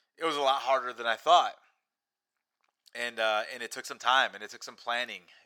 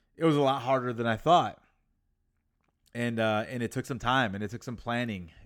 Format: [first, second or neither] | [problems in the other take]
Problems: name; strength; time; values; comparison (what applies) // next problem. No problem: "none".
second | thin; very; fading below 800 Hz